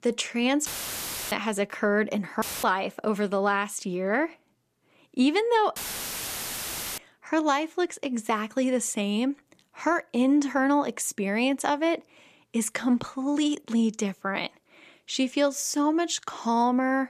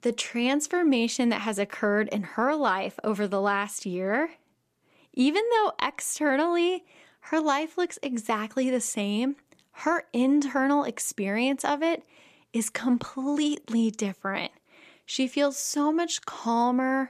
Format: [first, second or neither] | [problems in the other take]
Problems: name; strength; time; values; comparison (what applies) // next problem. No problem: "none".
second | audio cutting out; filled with static; at 0.5 s for 0.5 s, at 2.5 s and at 6 s for 1 s